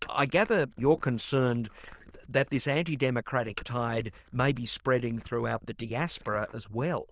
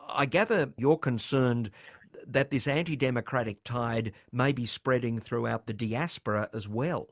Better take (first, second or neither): second